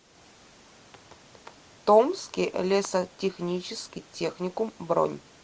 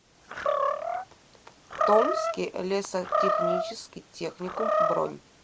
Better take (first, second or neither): first